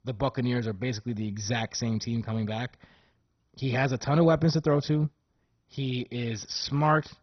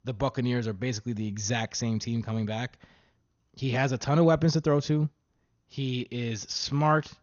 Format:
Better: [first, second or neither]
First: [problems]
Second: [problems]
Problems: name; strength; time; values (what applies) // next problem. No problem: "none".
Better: second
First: garbled, watery; badly; nothing above 6 kHz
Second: garbled, watery; slightly; nothing above 6.5 kHz